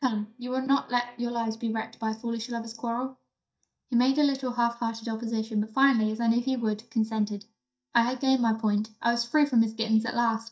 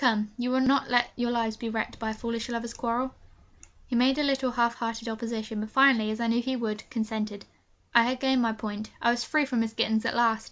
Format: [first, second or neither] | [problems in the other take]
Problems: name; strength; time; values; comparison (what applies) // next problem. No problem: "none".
second | noise reduction (neural mask model DeepFilterNet 3)